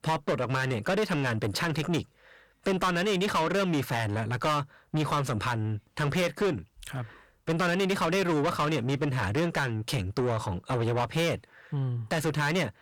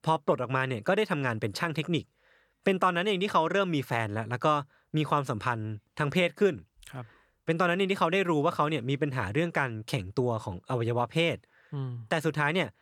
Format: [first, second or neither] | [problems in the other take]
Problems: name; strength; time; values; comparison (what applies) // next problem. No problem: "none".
second | distortion; heavy; 6 dB below the speech